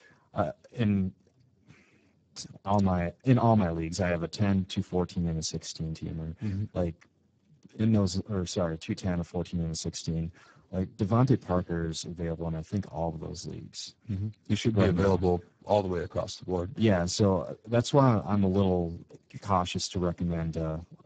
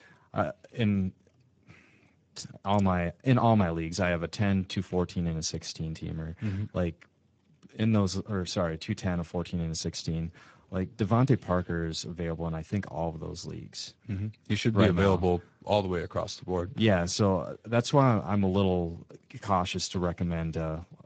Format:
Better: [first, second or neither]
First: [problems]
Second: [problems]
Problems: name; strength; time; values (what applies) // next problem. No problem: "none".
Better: second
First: garbled, watery; badly; nothing above 7.5 kHz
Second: garbled, watery; slightly; nothing above 7.5 kHz